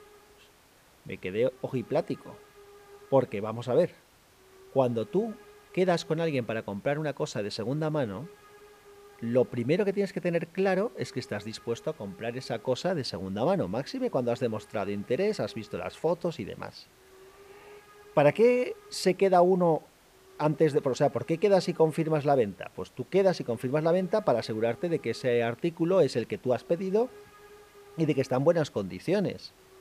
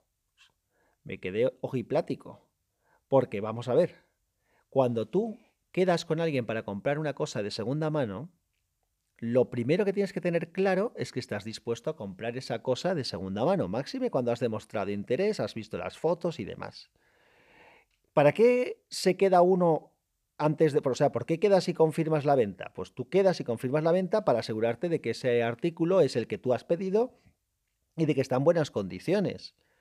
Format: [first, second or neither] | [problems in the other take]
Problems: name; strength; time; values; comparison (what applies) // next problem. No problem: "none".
second | hiss; faint; throughout; 25 dB below the speech